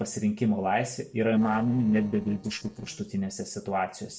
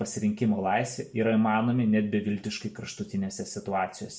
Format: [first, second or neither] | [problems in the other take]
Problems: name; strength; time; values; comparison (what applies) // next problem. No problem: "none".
second | noise reduction (neural separator model SepFormer DNS4)